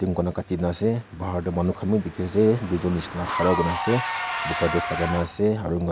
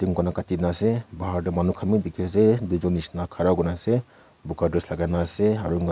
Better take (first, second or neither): second